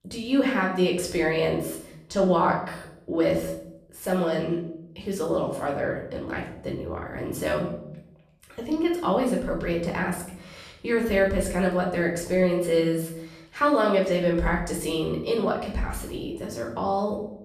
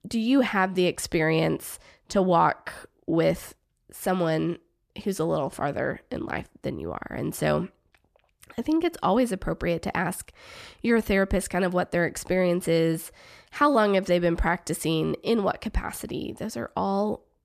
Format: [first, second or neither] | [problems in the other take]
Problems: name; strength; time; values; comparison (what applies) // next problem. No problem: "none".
second | off-mic speech; far // room echo; noticeable; dies away in 0.6 s